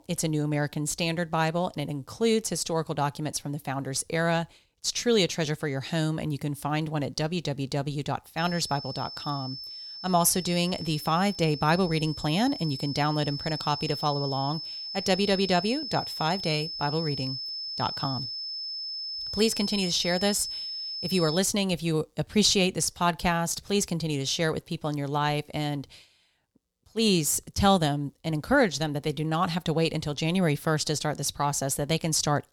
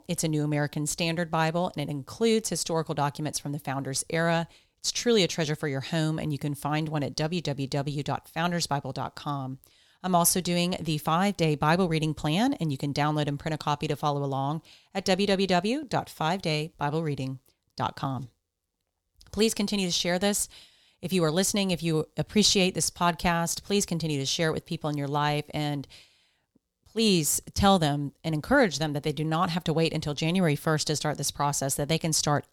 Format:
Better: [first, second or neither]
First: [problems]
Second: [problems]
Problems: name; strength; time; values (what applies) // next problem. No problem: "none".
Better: second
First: high-pitched whine; loud; from 8.5 to 21 s; 5 kHz, 7 dB below the speech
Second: none